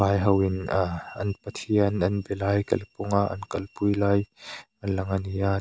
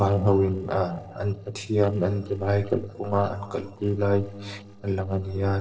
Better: first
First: none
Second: noise reduction (neural separator model SepFormer DNS4)

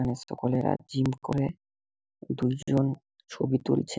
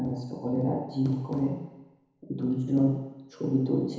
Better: first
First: none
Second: room echo; dies away in 1 s

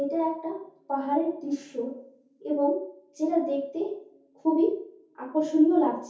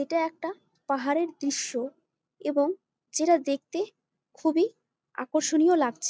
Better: second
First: room echo; dies away in 0.6 s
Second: none

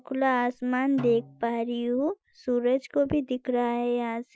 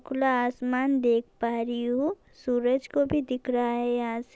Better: second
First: noise reduction (classical method Wiener filter)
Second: none

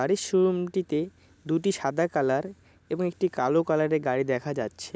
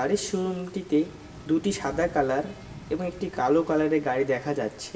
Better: first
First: none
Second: background sound (Rain); 19 dB below the speech // room echo; dies away in 0.7 s

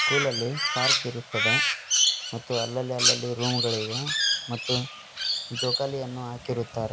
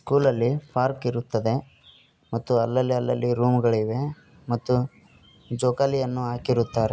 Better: second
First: background sound (Crow); 3 dB above the speech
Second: none

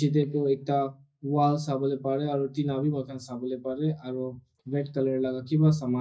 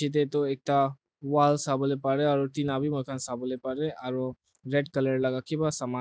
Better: second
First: noise reduction (neural mask model DeepFilterNet 3)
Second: none

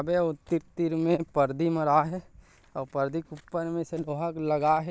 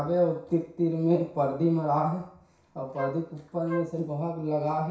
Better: first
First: none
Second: background sound (Wind instrument, woodwind instrument); 10 dB below the speech // room echo; dies away in 0.6 s

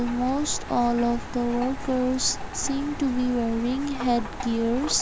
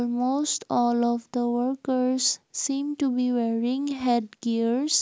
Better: second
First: background sound (Rain); 8 dB below the speech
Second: none

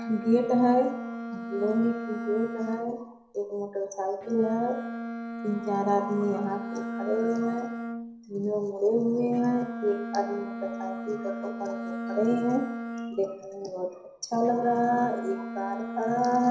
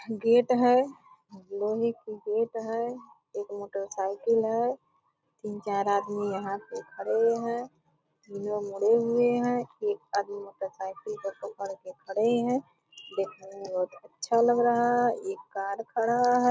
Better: second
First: background sound (Bowed string instrument); 8 dB below the speech // room echo; dies away in 0.7 s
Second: none

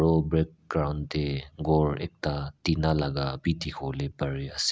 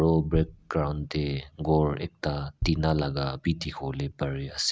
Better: first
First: none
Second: background sound (Bass drum); 13 dB below the speech

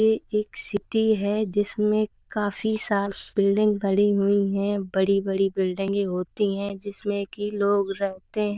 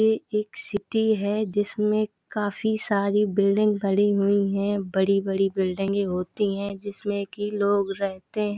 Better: second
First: noise reduction (neural diffusion model UNIVERSE++)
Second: none

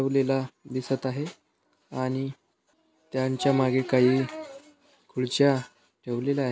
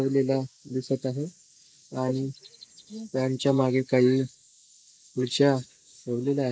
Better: first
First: none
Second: noise reduction (neural mask model Resemble Enhance denoiser)

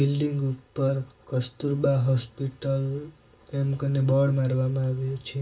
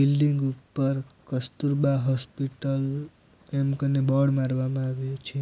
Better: second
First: room echo; dies away in 0.2 s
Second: none

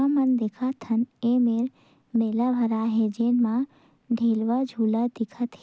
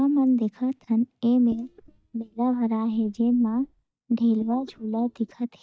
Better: first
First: none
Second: noise reduction (neural mask model DeepFilterNet 3)

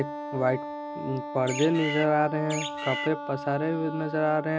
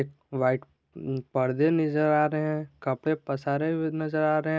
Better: second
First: background sound (Wind instrument, woodwind instrument + Bird); 8 dB below the speech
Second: none

